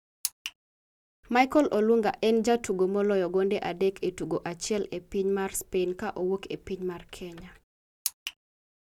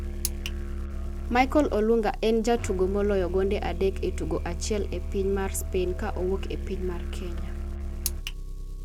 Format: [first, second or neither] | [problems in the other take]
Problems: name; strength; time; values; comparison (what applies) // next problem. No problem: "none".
first | background sound (Engine + Musical instrument); 3 dB below the speech